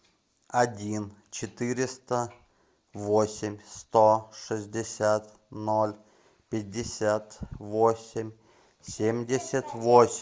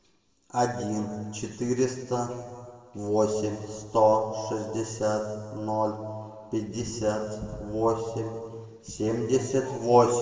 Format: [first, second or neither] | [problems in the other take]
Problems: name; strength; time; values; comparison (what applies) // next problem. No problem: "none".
first | room echo; dies away in 1.6 s